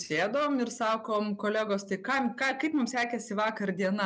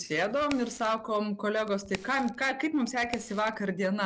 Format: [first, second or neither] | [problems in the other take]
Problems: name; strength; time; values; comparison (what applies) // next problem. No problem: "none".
first | background sound (Crack); 17 dB below the speech